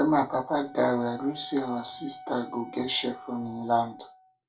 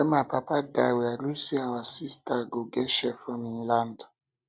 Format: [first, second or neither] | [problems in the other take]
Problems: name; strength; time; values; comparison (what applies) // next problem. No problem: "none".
second | background sound (Wind instrument, woodwind instrument); 17 dB below the speech // room echo; dies away in 0.2 s